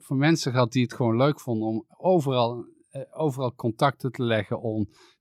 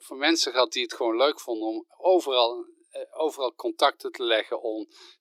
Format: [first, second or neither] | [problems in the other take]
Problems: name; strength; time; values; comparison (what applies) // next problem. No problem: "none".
first | thin; very; fading below 350 Hz